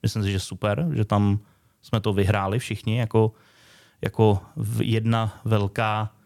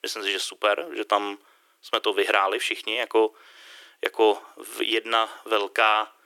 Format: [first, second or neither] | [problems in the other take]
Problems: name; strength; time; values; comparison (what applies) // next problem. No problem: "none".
first | thin; very; fading below 350 Hz